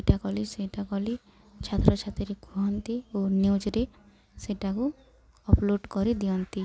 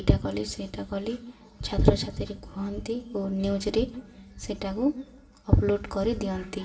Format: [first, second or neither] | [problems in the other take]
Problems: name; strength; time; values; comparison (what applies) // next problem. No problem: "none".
first | room echo; dies away in 0.8 s